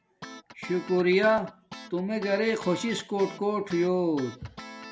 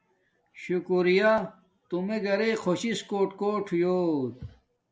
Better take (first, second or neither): second